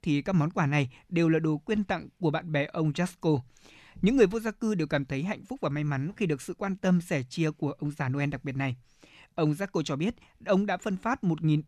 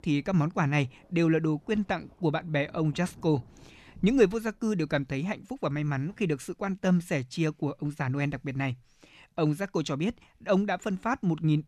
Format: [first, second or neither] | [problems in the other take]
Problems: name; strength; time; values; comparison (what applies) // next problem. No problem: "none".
first | rain or running water; faint; throughout; 30 dB below the speech